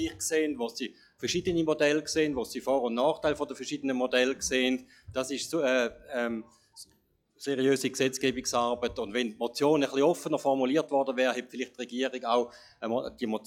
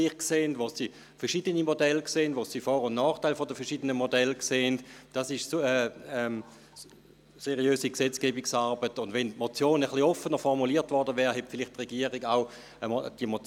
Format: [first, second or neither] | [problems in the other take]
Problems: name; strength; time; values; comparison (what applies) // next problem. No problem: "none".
second | noise reduction (classical method log-MMSE)